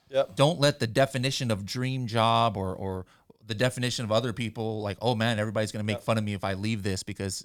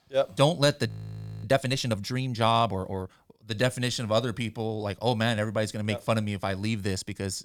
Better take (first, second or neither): first